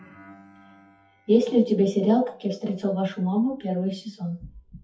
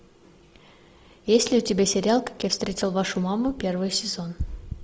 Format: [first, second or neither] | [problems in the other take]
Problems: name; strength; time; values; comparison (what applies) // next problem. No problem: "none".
second | noise reduction (classical method WPE with log-MMSE)